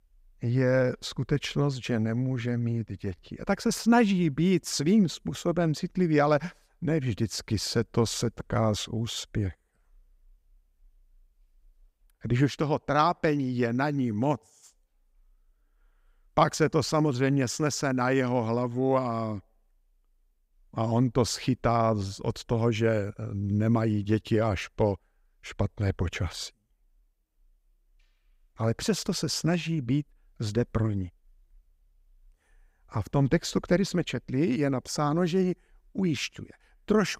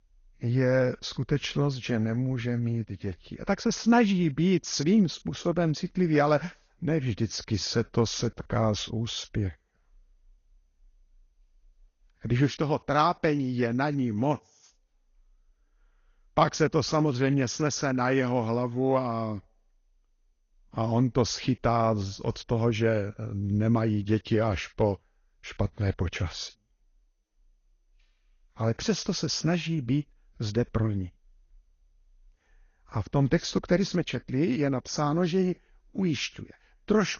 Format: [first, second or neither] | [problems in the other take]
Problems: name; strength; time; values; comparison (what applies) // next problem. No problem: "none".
first | garbled, watery; slightly; nothing above 6.5 kHz